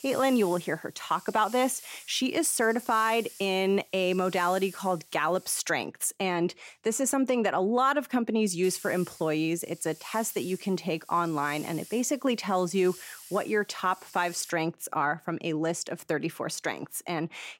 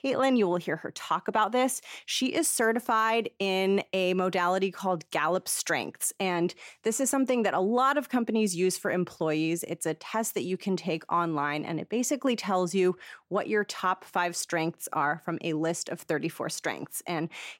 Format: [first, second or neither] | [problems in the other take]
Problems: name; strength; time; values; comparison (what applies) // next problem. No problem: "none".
second | hiss; noticeable; until 5.5 s and from 8.5 to 15 s; 20 dB below the speech